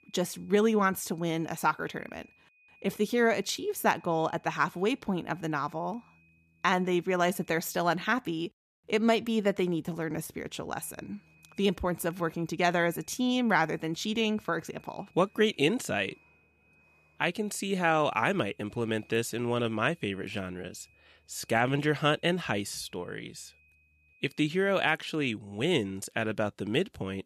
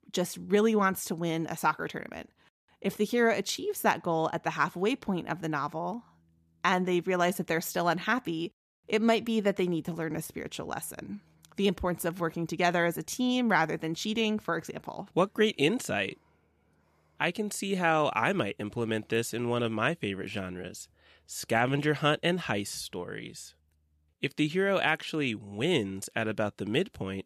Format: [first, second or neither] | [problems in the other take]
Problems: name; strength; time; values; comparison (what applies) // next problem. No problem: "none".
second | high-pitched whine; faint; until 8 s and from 11 to 25 s; 2.5 kHz, 30 dB below the speech